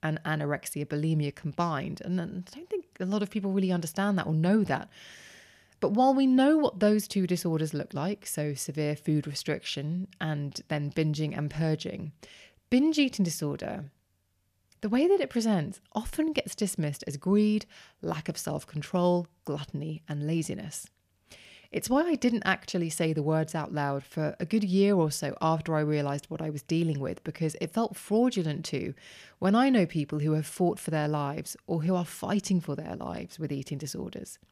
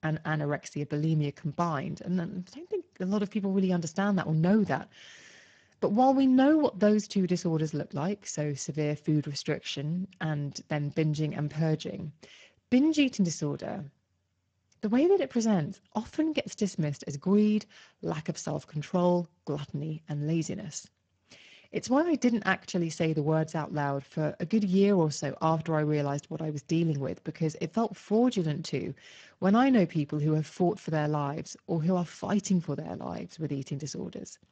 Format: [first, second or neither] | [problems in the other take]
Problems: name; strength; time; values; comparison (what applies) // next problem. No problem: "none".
first | garbled, watery; badly; nothing above 7.5 kHz